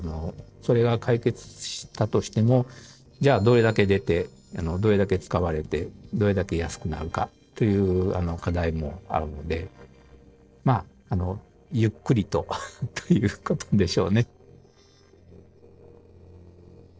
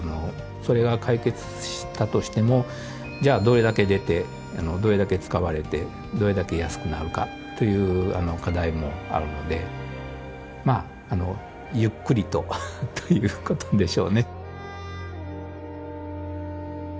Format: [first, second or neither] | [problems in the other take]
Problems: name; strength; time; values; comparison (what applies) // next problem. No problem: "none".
second | noise reduction (neural separator model SepFormer DNS4)